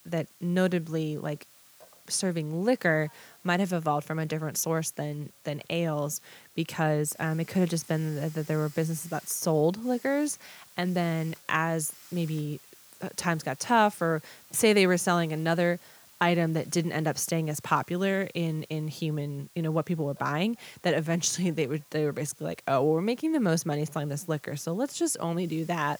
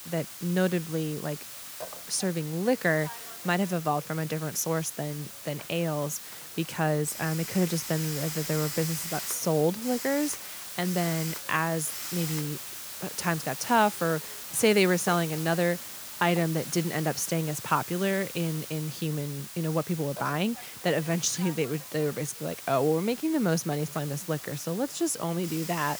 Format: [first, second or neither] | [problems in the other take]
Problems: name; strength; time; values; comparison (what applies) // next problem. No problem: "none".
first | hiss; loud; throughout; 8 dB below the speech; faint in the first